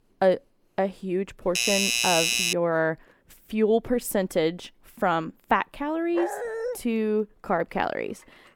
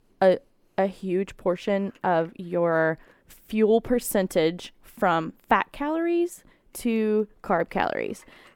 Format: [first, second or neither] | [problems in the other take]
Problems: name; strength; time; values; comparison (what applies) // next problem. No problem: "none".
second | doorbell; loud; from 1.5 to 2.5 s; peak 5 dB above the speech // dog barking; noticeable; at 6 s; peak 4 dB below the speech